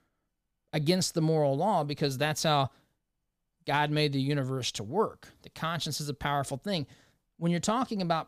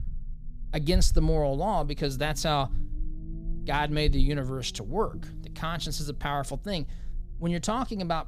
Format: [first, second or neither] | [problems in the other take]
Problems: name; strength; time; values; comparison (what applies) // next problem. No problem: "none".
first | low rumble; faint; throughout; 25 dB below the speech